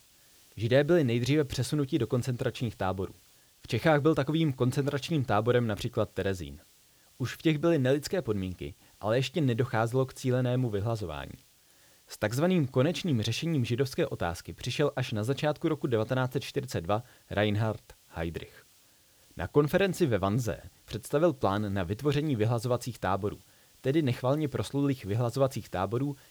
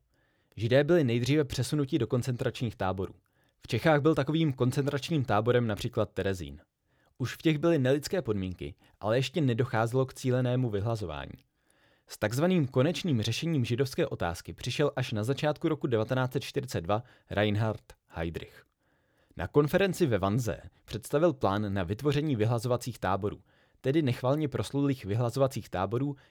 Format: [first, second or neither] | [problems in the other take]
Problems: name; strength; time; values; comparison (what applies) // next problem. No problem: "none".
second | hiss; faint; throughout; 30 dB below the speech